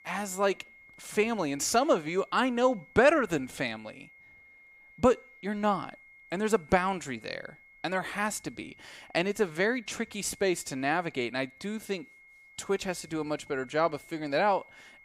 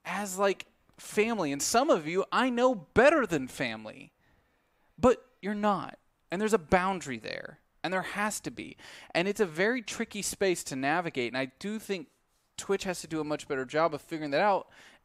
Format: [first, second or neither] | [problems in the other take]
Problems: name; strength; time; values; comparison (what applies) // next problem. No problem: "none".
second | high-pitched whine; faint; throughout; 2 kHz, 25 dB below the speech